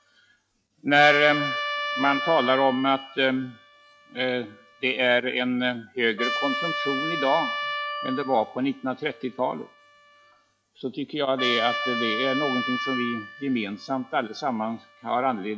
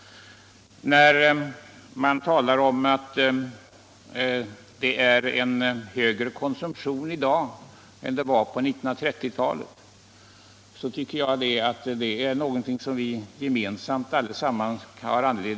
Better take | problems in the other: second | noise reduction (classical method log-MMSE)

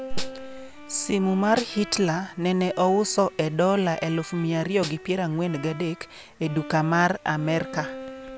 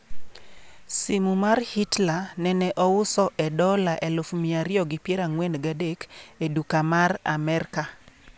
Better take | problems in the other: second | background sound (Snare drum + Bowed string instrument); 15 dB below the speech

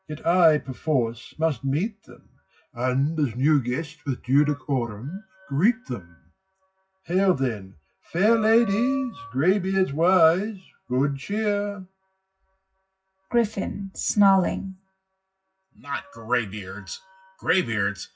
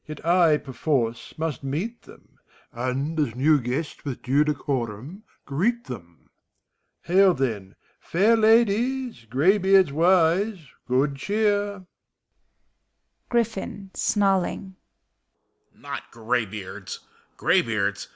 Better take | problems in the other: second | noise reduction (classical method WPE with log-MMSE)

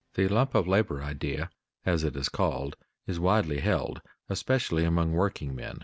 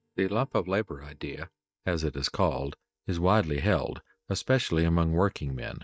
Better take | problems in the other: first | noise reduction (neural mask model DeepFilterNet 3)

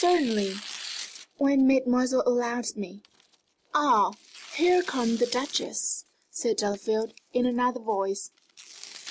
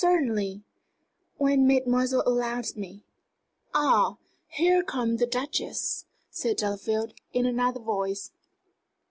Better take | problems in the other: second | background sound (Tearing); 17 dB below the speech

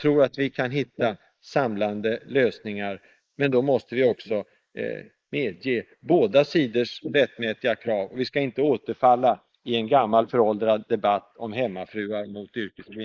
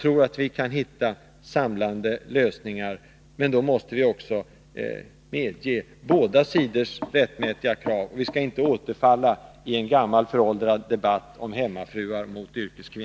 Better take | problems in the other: second | noise reduction (neural mask model Resemble Enhance denoiser)

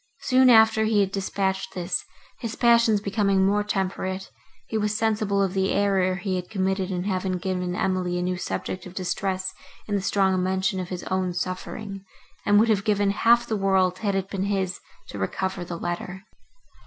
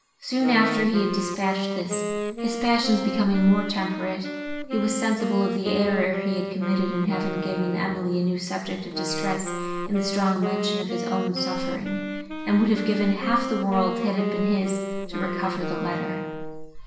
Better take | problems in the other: first | background sound (Wind instrument, woodwind instrument); 5 dB below the speech // room echo; dies away in 0.9 s

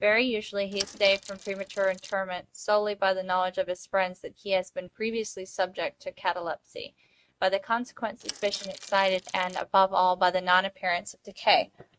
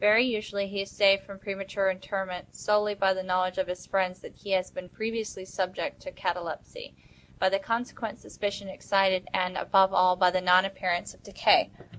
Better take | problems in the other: second | noise reduction (neural mask model RNNoise)

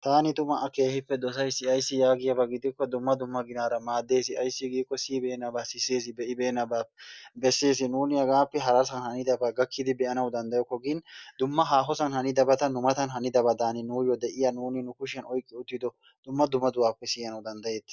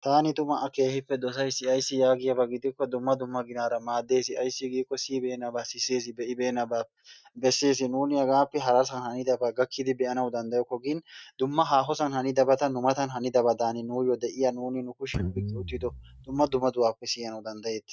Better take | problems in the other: first | noise reduction (neural mask model RNNoise)

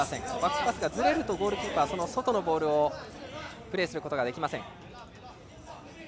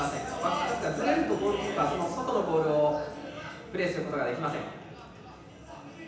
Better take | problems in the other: first | room echo; dies away in 0.9 s

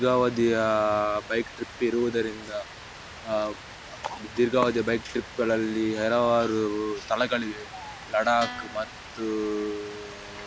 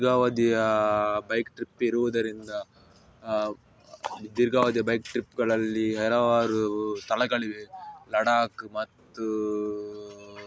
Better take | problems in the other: second | background sound (Rain + Guitar); 15 dB below the speech

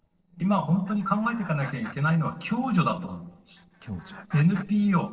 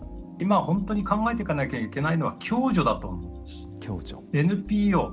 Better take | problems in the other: second | noise reduction (neural separator model SepFormer DNS4)

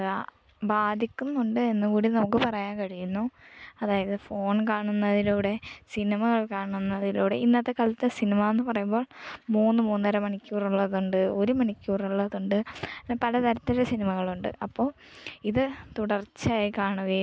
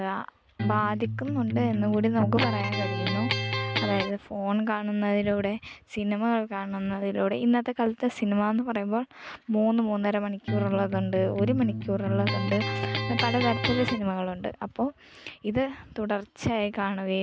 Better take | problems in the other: first | background sound (Electric guitar); 2 dB below the speech

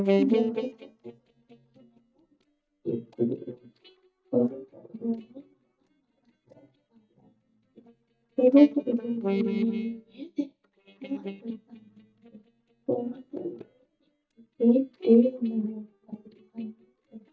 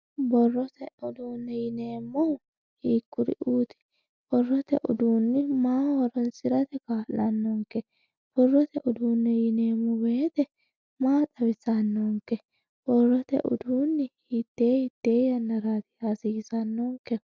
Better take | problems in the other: second | noise reduction (neural mask model DeepFilterNet 3)

